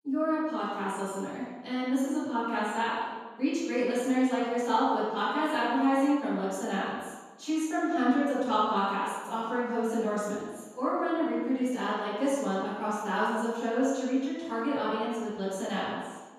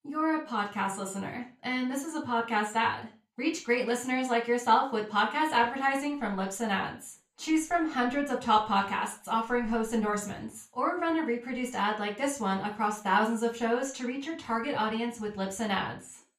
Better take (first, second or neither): second